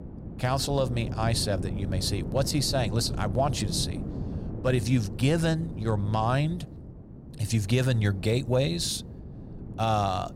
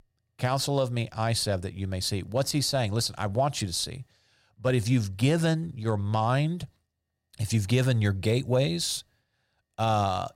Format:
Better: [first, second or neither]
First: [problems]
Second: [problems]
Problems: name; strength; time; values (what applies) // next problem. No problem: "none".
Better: second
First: wind noise on the microphone; occasional gusts; 15 dB below the speech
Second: none